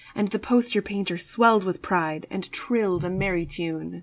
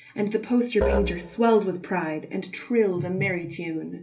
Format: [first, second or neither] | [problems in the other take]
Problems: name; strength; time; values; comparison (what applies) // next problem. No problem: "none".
first | background sound (Musical instrument); 6 dB below the speech // room echo; dies away in 0.3 s